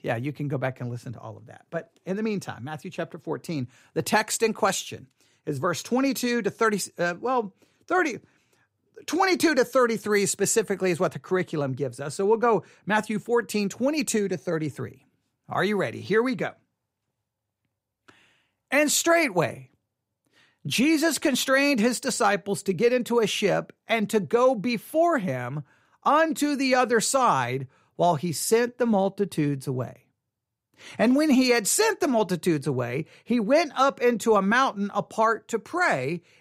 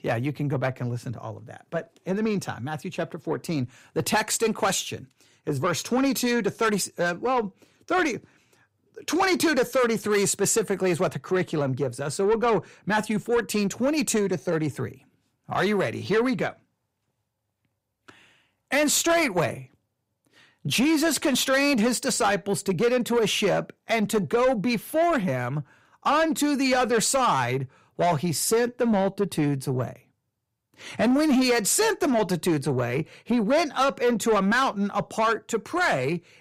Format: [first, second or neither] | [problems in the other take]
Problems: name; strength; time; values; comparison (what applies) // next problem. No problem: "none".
first | distortion; slight; 10 dB below the speech